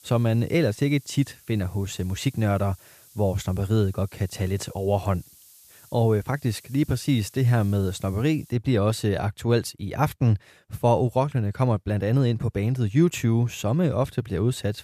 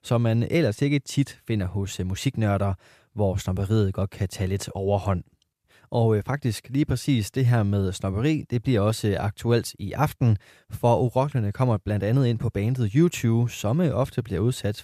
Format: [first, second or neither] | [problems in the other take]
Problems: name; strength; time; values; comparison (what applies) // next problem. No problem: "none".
second | hiss; faint; until 8.5 s; 25 dB below the speech